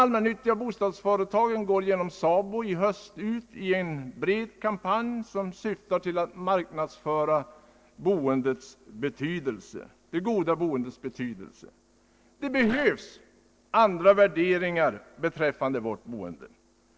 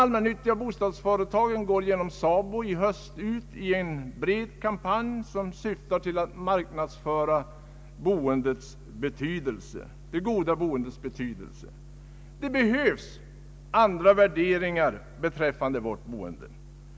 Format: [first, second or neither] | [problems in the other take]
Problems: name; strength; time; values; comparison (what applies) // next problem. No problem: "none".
second | noise reduction (neural separator model SepFormer DNS4)